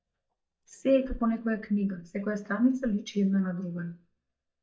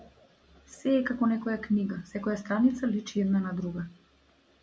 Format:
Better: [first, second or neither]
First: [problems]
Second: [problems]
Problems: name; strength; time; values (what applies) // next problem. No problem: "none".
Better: second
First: noise reduction (neural mask model DeepFilterNet 3)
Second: none